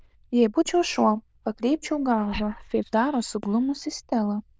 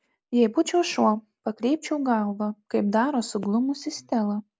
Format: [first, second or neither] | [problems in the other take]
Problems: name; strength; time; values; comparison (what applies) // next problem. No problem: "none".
second | noise reduction (neural diffusion model UNIVERSE++)